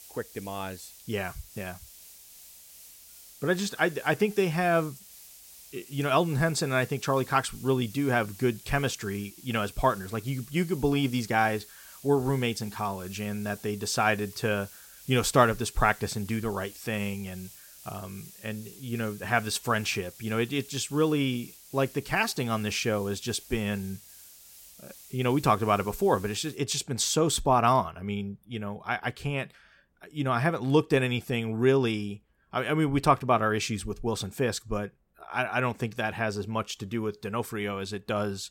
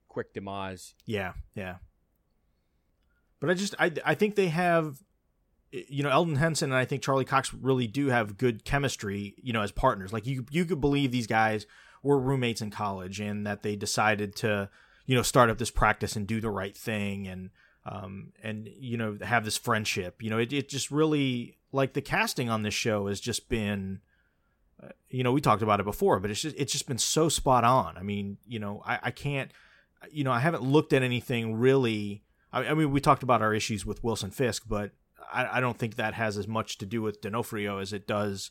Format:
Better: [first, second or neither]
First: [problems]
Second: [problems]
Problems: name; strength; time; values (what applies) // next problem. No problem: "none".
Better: second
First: hiss; noticeable; until 27 s; 20 dB below the speech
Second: none